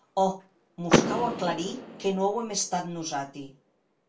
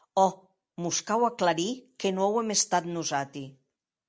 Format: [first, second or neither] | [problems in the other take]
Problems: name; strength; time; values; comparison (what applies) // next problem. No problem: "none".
second | background sound (Door / Car); 2 dB below the speech // room echo; dies away in 0.2 s